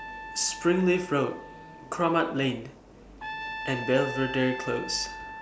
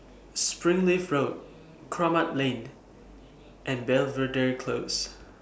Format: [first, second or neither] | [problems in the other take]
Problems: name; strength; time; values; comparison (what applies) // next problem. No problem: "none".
second | background sound (Trumpet); 11 dB below the speech